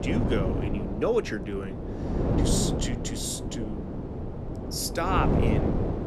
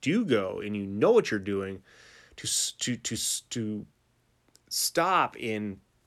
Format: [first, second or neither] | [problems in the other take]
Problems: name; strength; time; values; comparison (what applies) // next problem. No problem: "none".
second | wind noise on the microphone; heavy; 3 dB below the speech